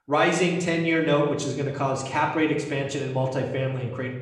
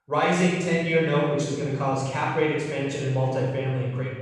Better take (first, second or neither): first